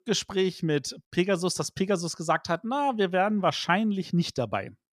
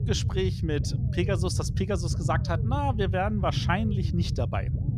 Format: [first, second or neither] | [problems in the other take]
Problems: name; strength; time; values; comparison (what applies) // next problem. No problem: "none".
first | low rumble; noticeable; throughout; 10 dB below the speech